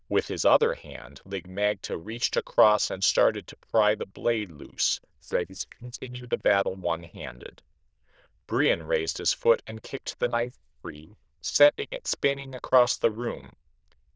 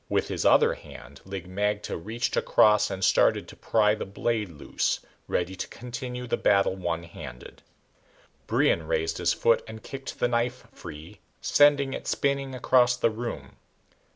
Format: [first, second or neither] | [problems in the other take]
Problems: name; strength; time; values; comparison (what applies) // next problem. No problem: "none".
second | noise reduction (neural diffusion model UNIVERSE++)